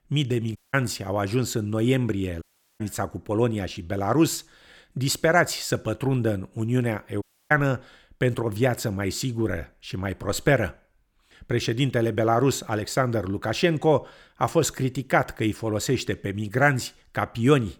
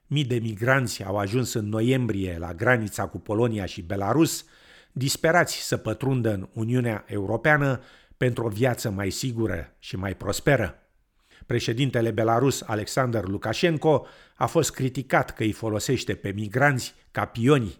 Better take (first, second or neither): second